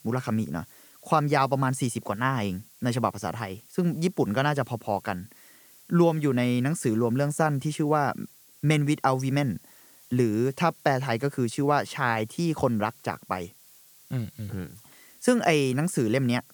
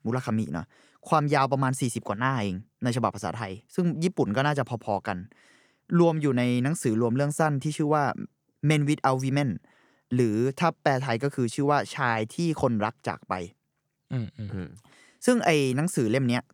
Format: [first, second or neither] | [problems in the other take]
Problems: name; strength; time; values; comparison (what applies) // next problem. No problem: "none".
second | hiss; faint; throughout; 25 dB below the speech